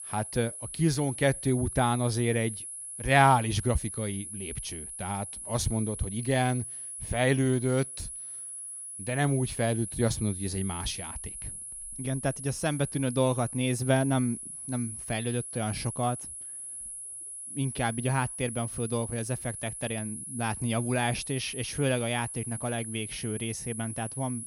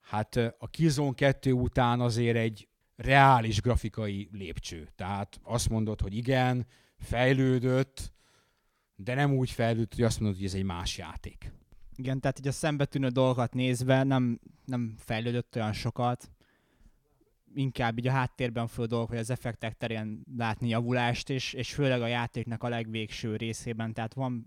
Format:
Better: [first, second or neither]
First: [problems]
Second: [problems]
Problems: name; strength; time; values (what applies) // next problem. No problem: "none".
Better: second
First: high-pitched whine; loud; throughout; 10.5 kHz, 7 dB below the speech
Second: none